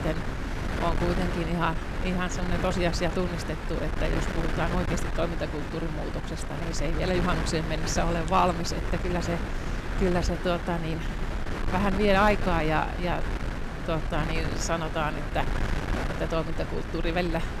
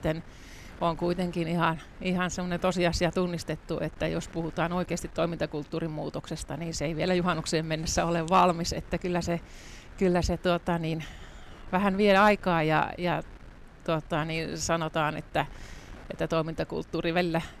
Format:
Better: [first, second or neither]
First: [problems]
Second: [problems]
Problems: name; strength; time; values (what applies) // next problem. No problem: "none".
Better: second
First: wind noise on the microphone; heavy; 6 dB below the speech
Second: wind noise on the microphone; occasional gusts; 25 dB below the speech